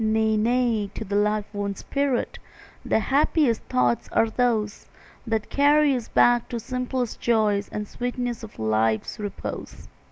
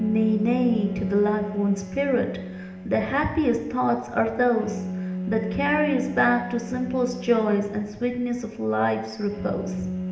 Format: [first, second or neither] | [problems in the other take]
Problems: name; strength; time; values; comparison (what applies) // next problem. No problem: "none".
first | background sound (Bowed string instrument); 9 dB below the speech // room echo; dies away in 0.8 s